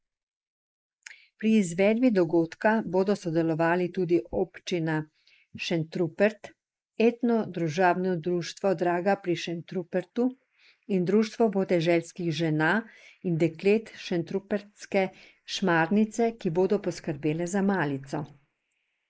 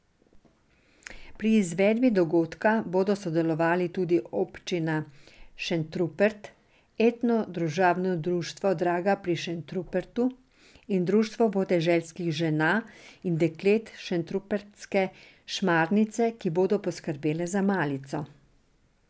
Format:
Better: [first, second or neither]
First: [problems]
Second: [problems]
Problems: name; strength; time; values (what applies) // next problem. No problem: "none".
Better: second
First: noise reduction (neural mask model Resemble Enhance denoiser)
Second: none